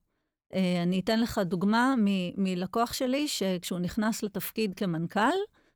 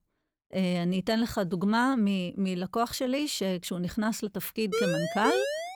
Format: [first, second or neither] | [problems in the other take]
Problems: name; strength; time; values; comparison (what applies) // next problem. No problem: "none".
first | siren; noticeable; from 4.5 s on; peak level with the speech